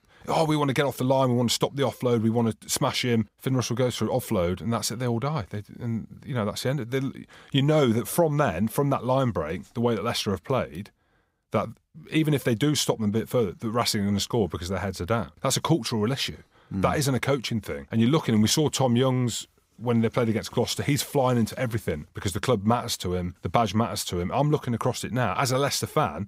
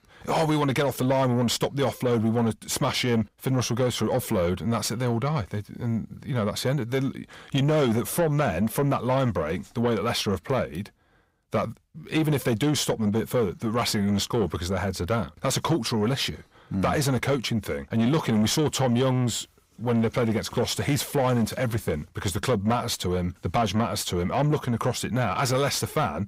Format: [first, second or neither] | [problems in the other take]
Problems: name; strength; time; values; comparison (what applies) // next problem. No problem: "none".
first | distortion; slight; 10 dB below the speech